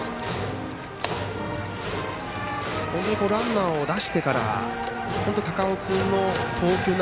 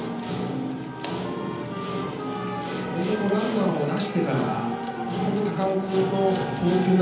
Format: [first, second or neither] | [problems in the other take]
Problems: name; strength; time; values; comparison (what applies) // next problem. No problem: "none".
first | background sound (Wind instrument, woodwind instrument); 15 dB below the speech // room echo; dies away in 0.9 s